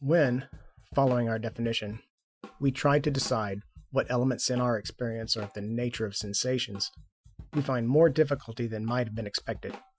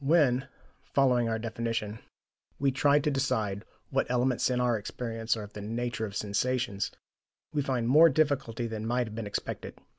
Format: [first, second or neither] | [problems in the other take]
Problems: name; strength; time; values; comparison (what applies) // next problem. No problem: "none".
second | noise reduction (classical method Wiener filter)